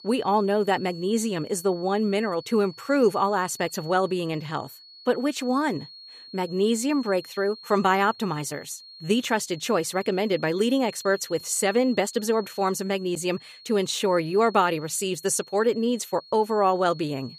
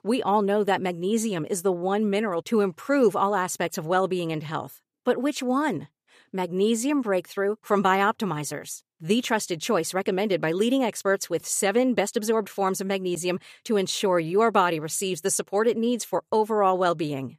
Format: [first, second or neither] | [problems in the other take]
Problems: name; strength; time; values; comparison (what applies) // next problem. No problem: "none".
second | high-pitched whine; noticeable; throughout; 4.5 kHz, 20 dB below the speech